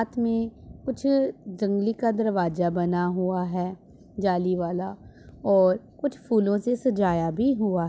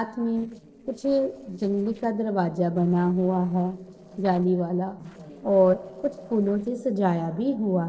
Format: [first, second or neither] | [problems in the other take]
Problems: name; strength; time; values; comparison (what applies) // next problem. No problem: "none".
first | noise reduction (neural separator model SepFormer DNS4)